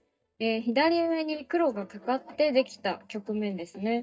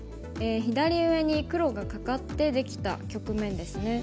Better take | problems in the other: second | noise reduction (neural mask model DeepFilterNet 3)

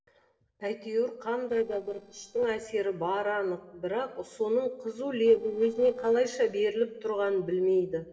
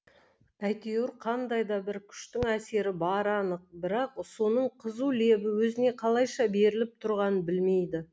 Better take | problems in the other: second | noise reduction (neural separator model SepFormer DNS4)

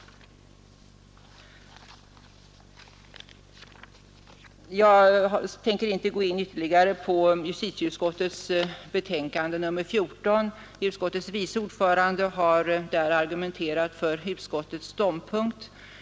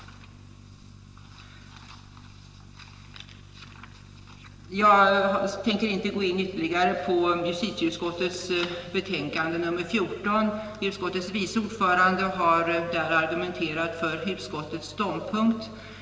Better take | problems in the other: first | room echo; dies away in 1.9 s

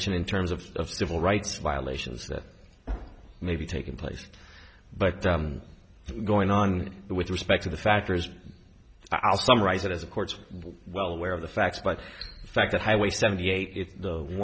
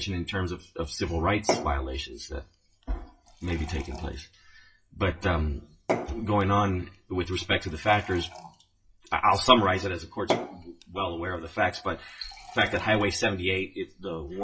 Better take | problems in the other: first | noise reduction (classical method WPE with log-MMSE)

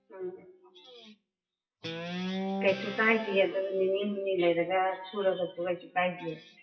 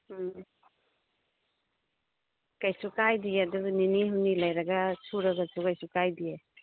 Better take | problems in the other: second | noise reduction (classical method WPE with log-MMSE)

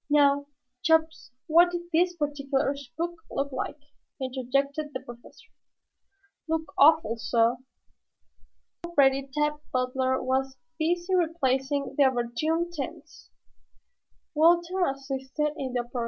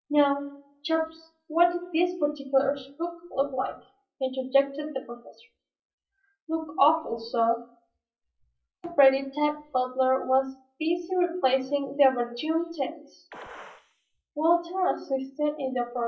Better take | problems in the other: first | noise reduction (classical method WPE with log-MMSE)

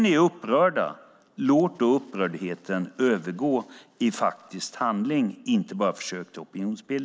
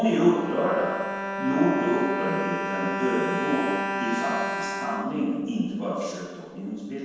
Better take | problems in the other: first | background sound (Bowed string instrument); 4 dB below the speech // room echo; dies away in 1.2 s

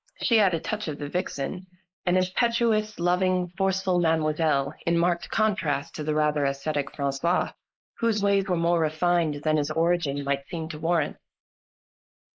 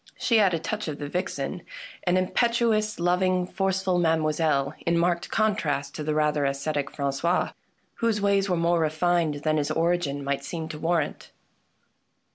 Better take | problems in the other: second | noise reduction (neural mask model Resemble Enhance denoiser)

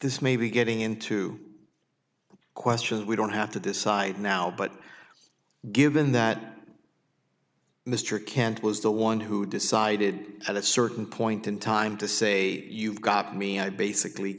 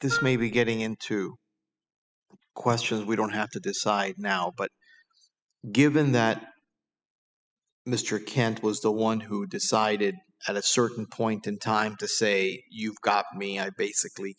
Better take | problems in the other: first | noise reduction (classical method spectral subtraction)

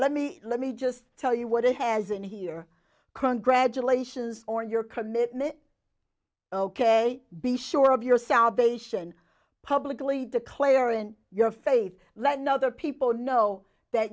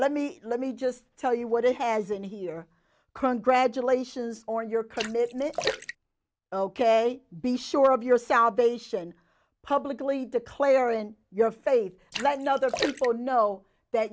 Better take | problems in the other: first | background sound (Splash, splatter); 10 dB below the speech

